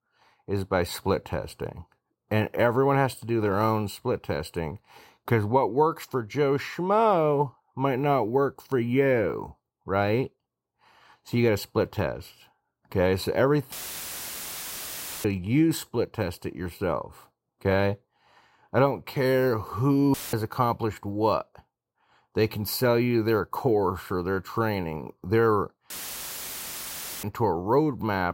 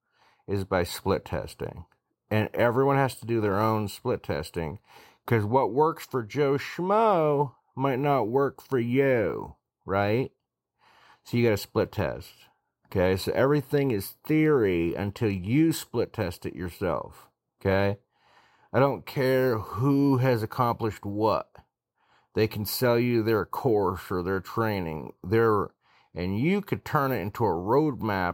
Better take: second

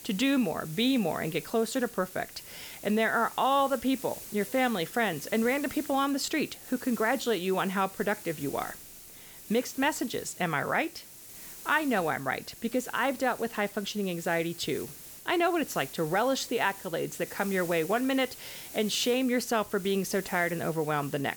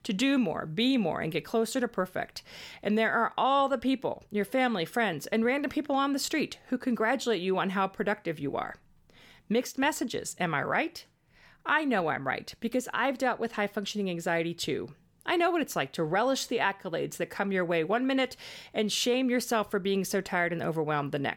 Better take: second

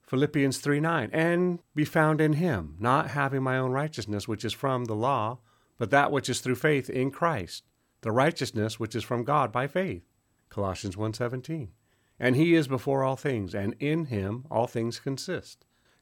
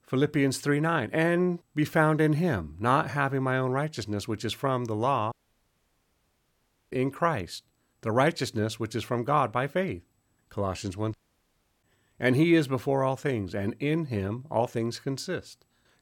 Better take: first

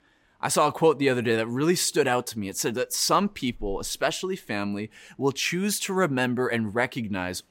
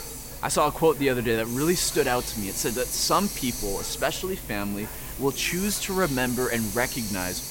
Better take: first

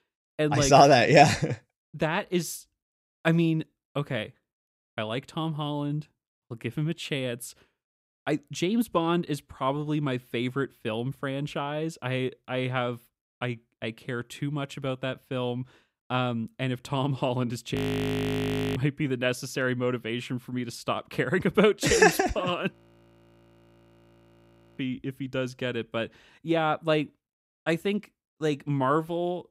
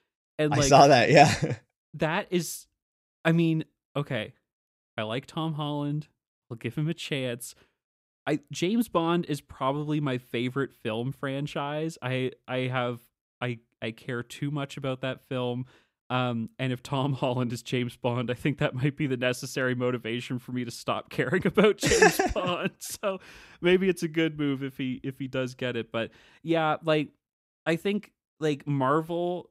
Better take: second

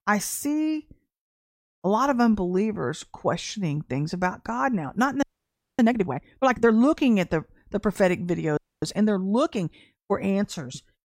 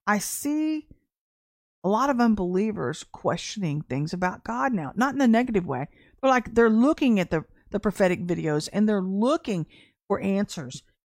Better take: second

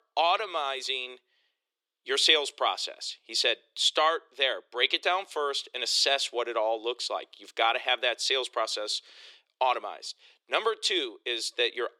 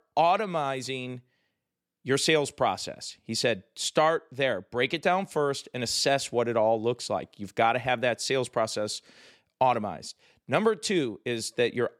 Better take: second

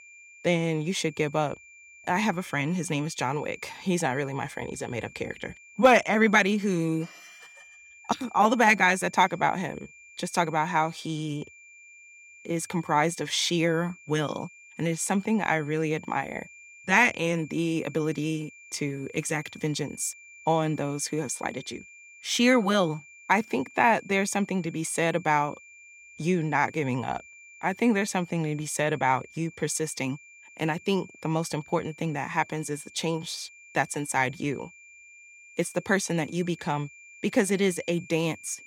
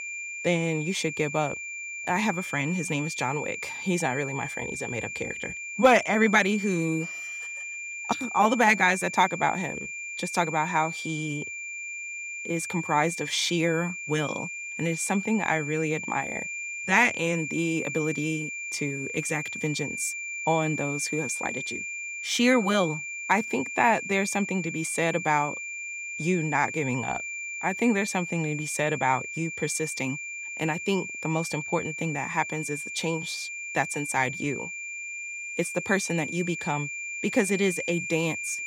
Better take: first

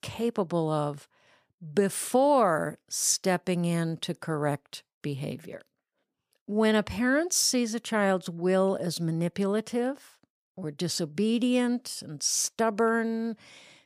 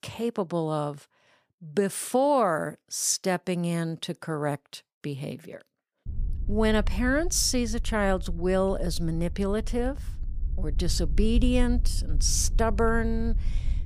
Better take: first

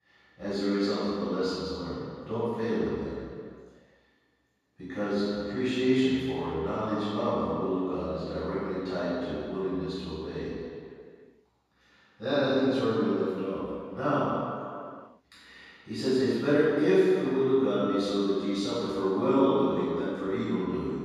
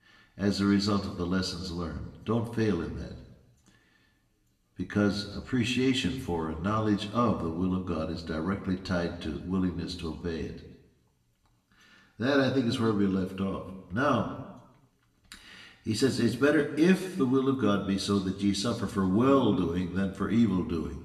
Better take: second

